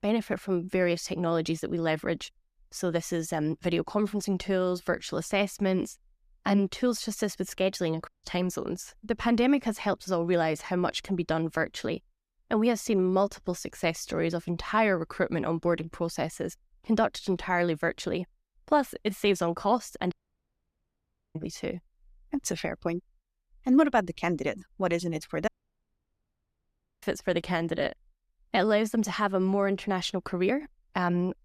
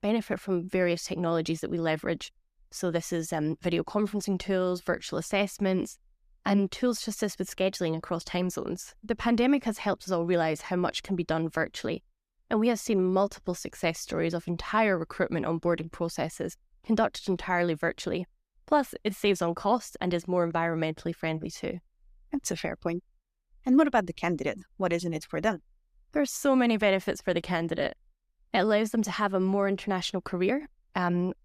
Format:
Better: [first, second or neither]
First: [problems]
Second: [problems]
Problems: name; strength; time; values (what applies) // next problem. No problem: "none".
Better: second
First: audio cutting out; at 8 s, at 20 s for 1 s and at 25 s for 1.5 s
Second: none